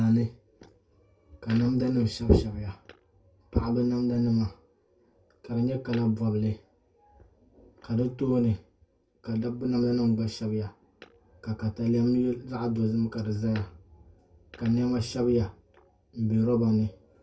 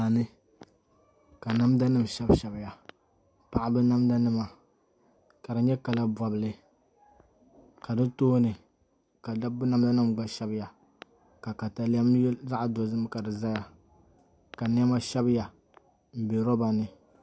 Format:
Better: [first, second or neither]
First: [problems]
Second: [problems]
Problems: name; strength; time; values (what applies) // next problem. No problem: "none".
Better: second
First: room echo; dies away in 0.2 s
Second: none